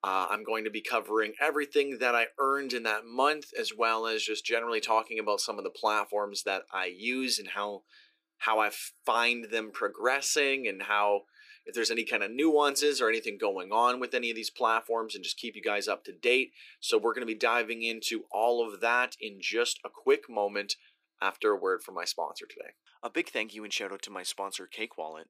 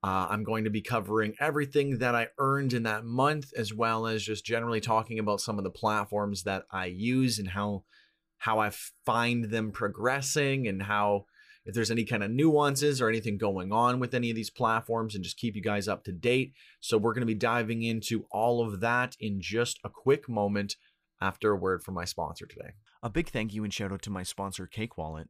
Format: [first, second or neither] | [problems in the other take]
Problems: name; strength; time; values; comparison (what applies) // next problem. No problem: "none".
second | thin; somewhat; fading below 300 Hz